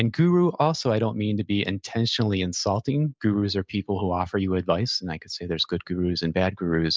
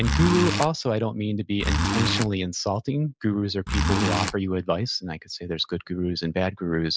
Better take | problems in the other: first | background sound (Zipper (clothing)); 1 dB above the speech

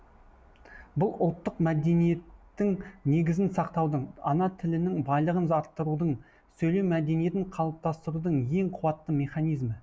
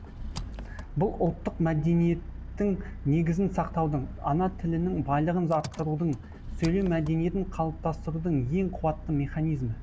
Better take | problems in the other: first | background sound (Engine); 11 dB below the speech

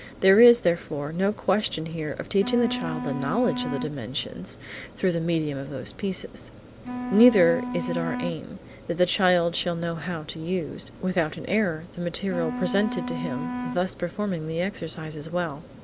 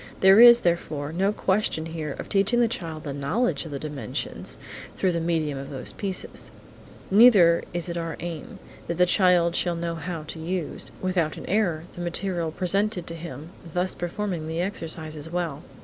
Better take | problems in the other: second | background sound (Wind instrument, woodwind instrument); 8 dB below the speech

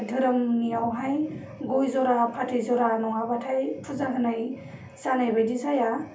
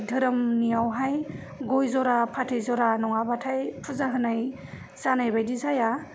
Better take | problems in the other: second | room echo; dies away in 0.3 s

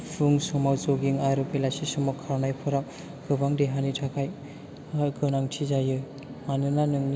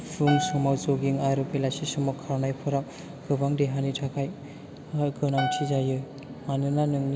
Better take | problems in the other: first | background sound (Piano); 7 dB below the speech

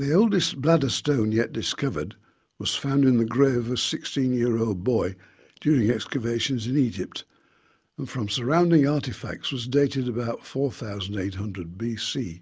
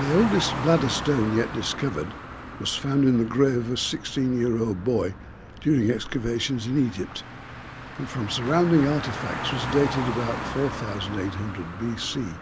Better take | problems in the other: first | background sound (Car); 9 dB below the speech

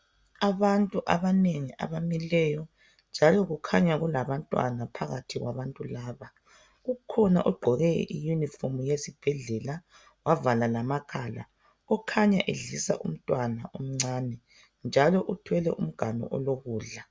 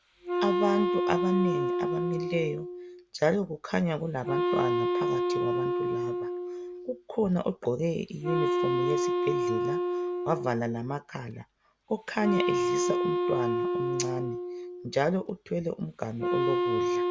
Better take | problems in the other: first | background sound (Wind instrument, woodwind instrument); 2 dB above the speech

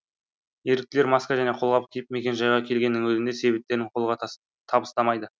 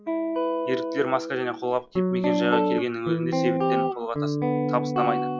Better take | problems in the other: first | noise reduction (classical method log-MMSE)

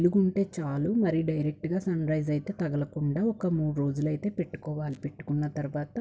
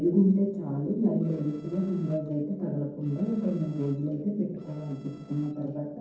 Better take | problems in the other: first | noise reduction (neural separator model SepFormer DNS4)

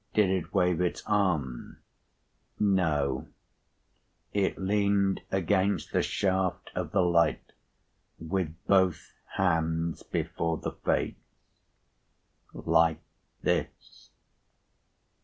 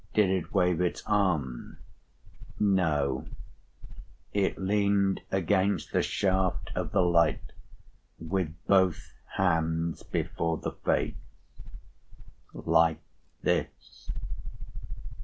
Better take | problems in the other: first | background sound (Insect); 7 dB below the speech

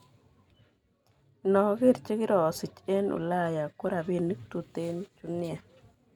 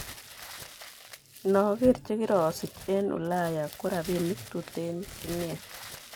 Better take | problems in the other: first | background sound (Crumpling, crinkling); 15 dB below the speech

